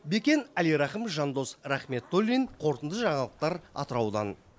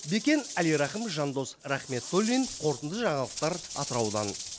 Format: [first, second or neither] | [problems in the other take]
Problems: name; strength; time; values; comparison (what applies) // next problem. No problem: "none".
first | background sound (Rattle / Rattle (instrument)); 11 dB below the speech